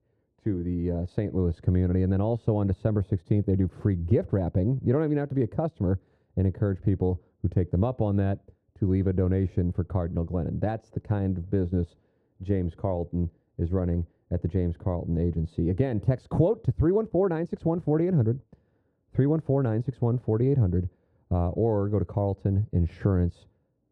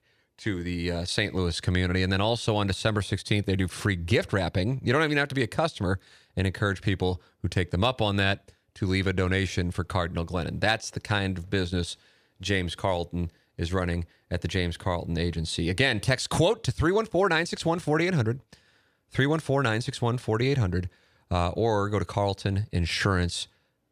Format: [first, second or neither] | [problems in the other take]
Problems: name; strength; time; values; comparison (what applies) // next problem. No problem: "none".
second | muffled; very; fading above 1.5 kHz